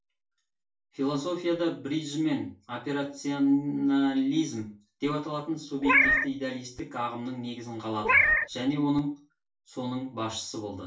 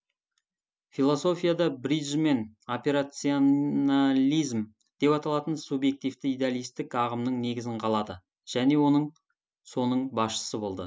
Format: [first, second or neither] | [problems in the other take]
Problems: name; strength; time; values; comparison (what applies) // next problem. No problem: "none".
second | background sound (Meow); 4 dB above the speech // room echo; dies away in 0.3 s